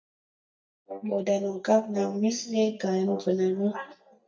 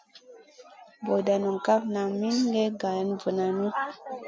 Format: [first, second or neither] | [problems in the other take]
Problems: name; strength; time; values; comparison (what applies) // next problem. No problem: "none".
second | noise reduction (neural mask model DeepFilterNet 3)